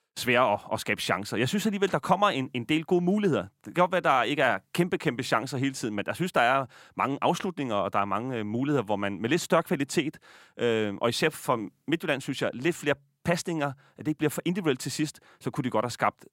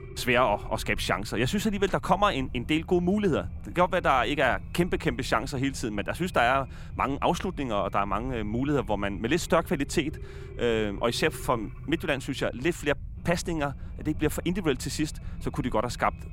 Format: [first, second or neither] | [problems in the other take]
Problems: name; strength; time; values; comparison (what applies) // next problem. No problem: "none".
first | low rumble; faint; throughout; 25 dB below the speech